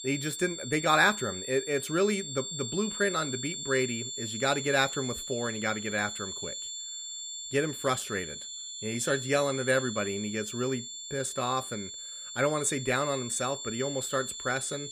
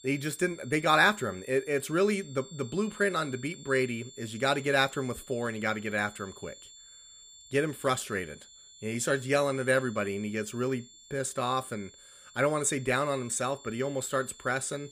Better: second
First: high-pitched whine; loud; throughout; 7.5 kHz, 7 dB below the speech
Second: high-pitched whine; faint; throughout; 7.5 kHz, 20 dB below the speech

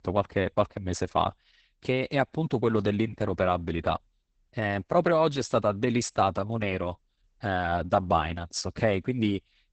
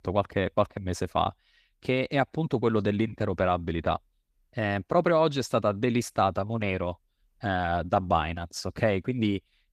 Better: second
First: garbled, watery; badly; nothing above 8 kHz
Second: garbled, watery; slightly; nothing above 14.5 kHz

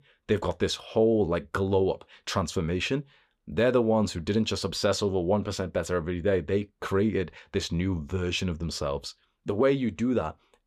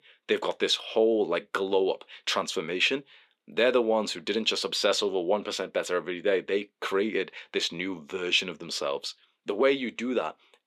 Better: first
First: none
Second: thin; somewhat; fading below 300 Hz

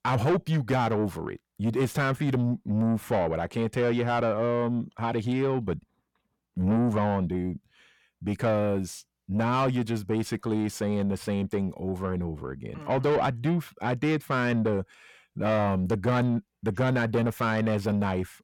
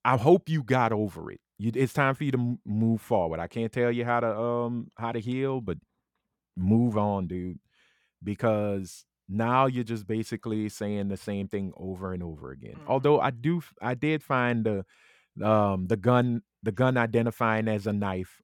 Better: second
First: distortion; heavy; 7 dB below the speech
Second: none

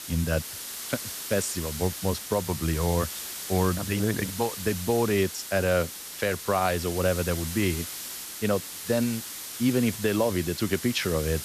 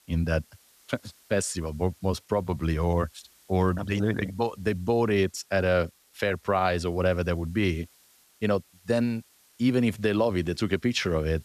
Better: second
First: hiss; loud; throughout; 7 dB below the speech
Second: hiss; faint; throughout; 30 dB below the speech

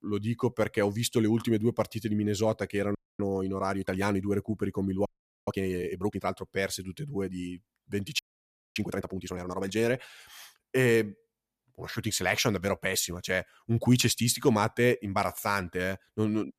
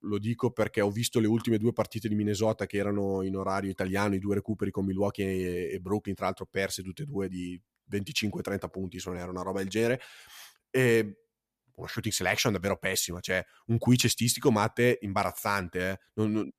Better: second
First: audio freezing; at 3 s, at 5 s and at 8 s for 0.5 s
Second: none

